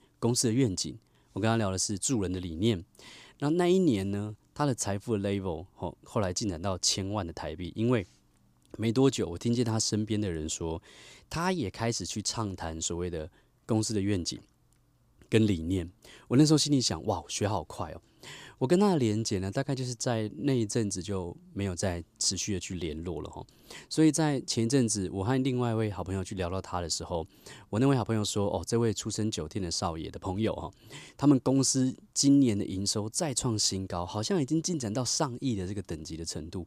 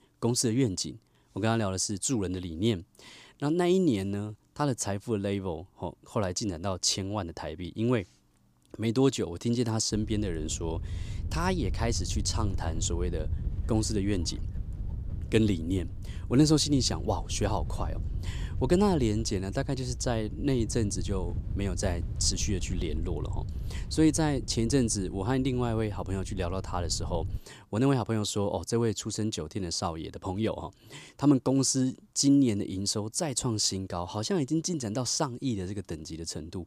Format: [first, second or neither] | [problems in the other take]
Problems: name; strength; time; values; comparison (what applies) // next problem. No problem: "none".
first | wind noise on the microphone; occasional gusts; from 10 to 27 s; 20 dB below the speech